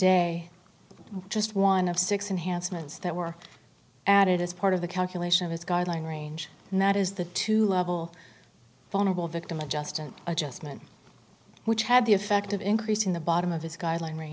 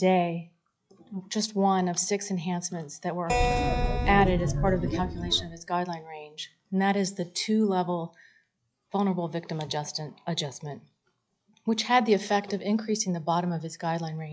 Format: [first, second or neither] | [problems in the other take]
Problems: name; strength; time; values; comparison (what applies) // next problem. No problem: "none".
first | noise reduction (classical method log-MMSE)